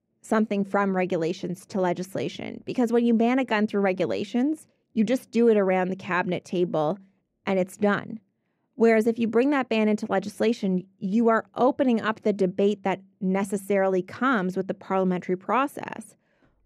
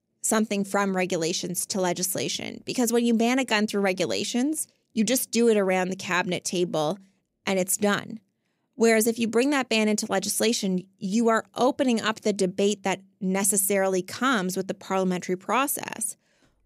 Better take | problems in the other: second | muffled; very; fading above 3.5 kHz

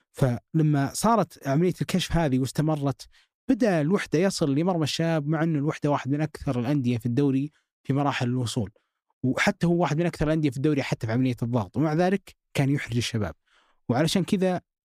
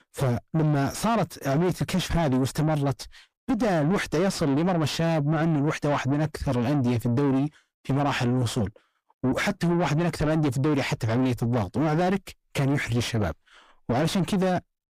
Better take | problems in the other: first | distortion; heavy; 7 dB below the speech

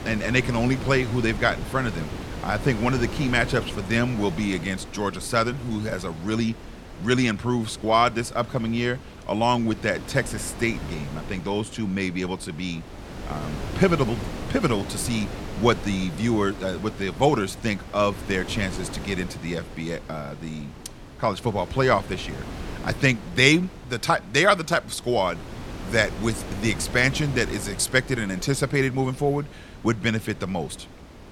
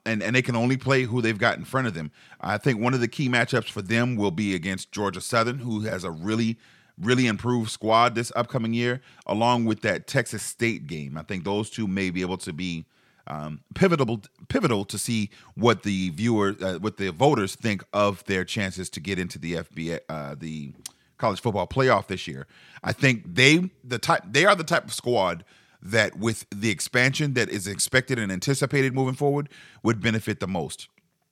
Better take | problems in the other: second | wind noise on the microphone; occasional gusts; 15 dB below the speech

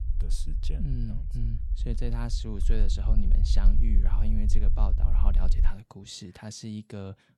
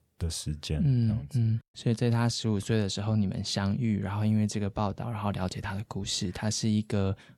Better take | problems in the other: second | low rumble; loud; until 5.5 s; 9 dB below the speech

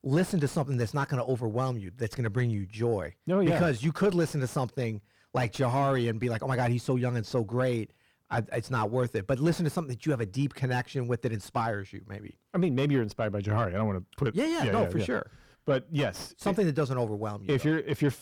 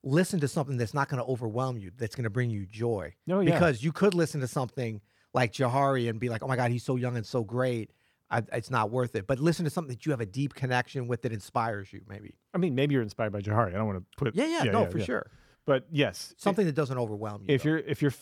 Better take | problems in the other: second | distortion; slight; 10 dB below the speech

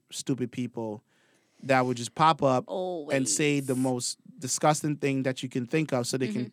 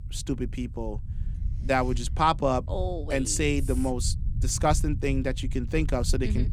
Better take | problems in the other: first | low rumble; faint; throughout; 20 dB below the speech

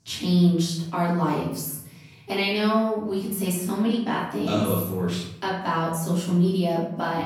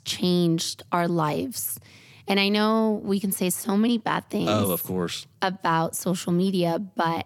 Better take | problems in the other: second | off-mic speech; far // room echo; noticeable; dies away in 0.8 s

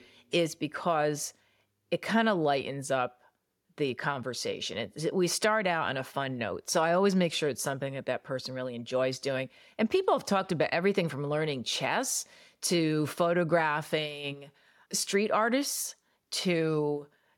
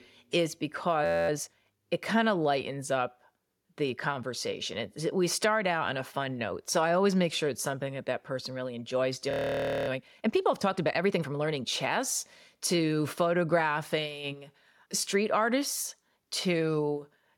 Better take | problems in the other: first | audio freezing; at 1 s and at 9.5 s for 0.5 s

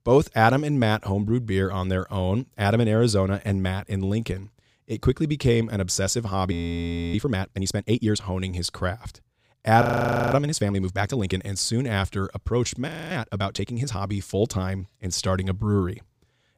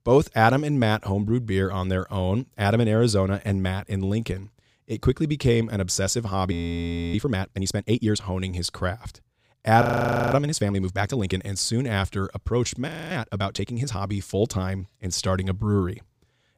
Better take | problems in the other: neither | audio freezing; at 6.5 s for 0.5 s, at 10 s for 0.5 s and at 13 s; the same in both

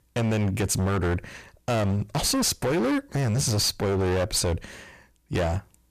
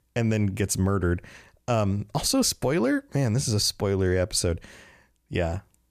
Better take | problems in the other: second | distortion; heavy; 23% of the sound clipped

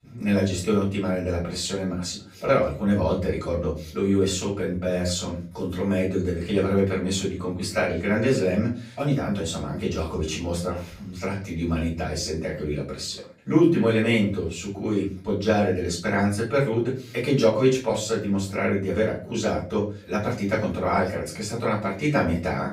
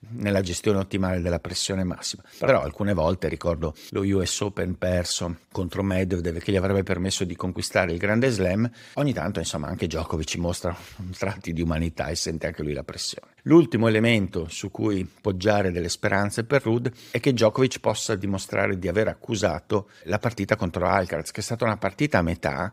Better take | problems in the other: second | off-mic speech; far // room echo; slight; dies away in 0.4 s

